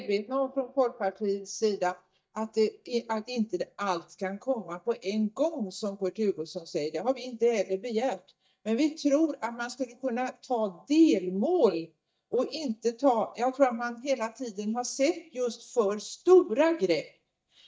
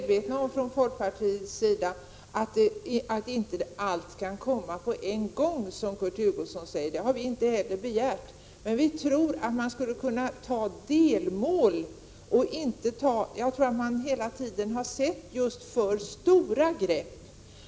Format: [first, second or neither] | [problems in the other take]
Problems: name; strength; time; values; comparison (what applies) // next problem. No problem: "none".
second | noise reduction (neural mask model DeepFilterNet 3)